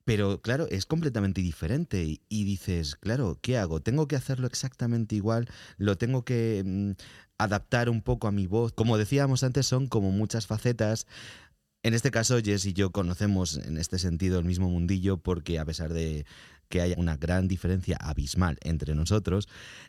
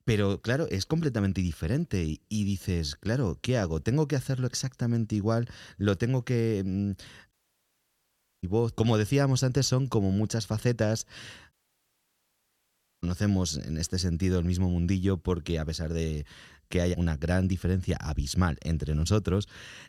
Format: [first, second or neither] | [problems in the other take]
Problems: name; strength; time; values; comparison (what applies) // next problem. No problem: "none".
first | audio cutting out; at 7.5 s for 1 s and at 12 s for 1.5 s